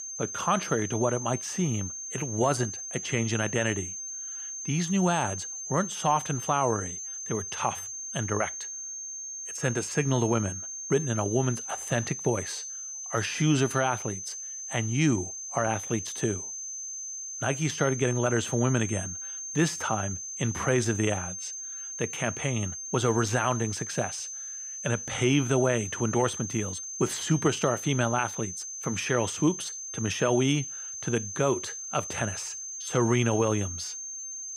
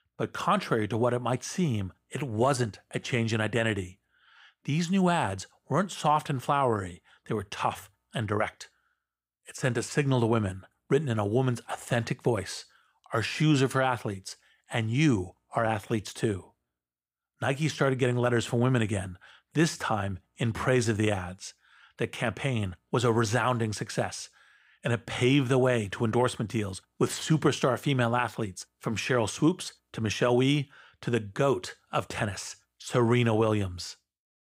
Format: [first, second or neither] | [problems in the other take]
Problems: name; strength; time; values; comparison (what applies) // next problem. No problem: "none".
second | high-pitched whine; loud; throughout; 6.5 kHz, 6 dB below the speech